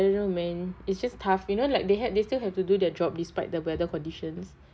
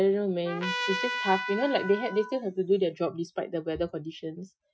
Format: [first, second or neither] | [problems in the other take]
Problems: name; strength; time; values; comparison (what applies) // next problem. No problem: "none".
first | noise reduction (classical method Wiener filter)